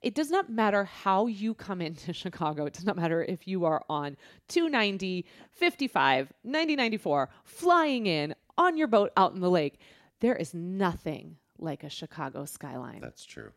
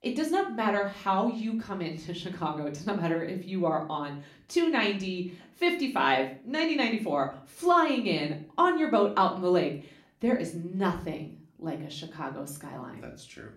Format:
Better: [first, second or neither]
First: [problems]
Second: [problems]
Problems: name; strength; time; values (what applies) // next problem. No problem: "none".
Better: first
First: none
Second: room echo; very slight; dies away in 0.3 s // off-mic speech; somewhat distant